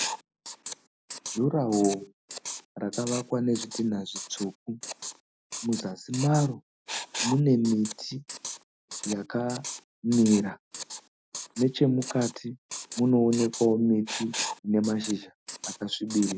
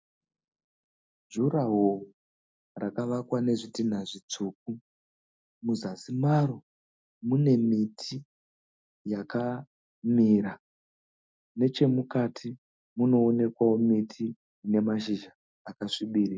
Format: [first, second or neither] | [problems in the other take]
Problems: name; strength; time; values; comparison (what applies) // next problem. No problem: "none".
second | noise reduction (neural mask model Resemble Enhance denoiser)